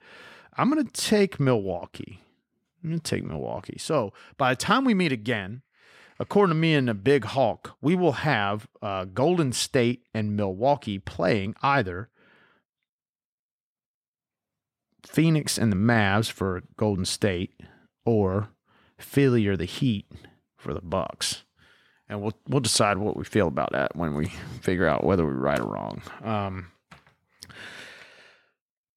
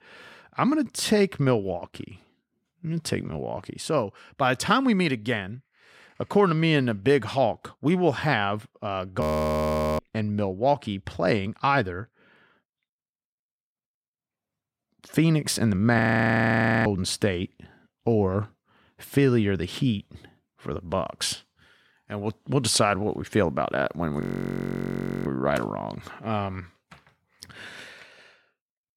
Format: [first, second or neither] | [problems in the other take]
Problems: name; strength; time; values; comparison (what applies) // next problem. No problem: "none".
first | audio freezing; at 9 s for 1 s, at 16 s for 1 s and at 24 s for 1 s